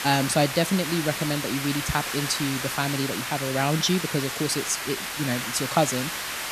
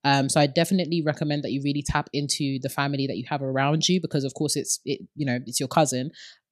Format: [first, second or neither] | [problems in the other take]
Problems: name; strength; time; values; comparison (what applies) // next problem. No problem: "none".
second | hiss; loud; throughout; 3 dB below the speech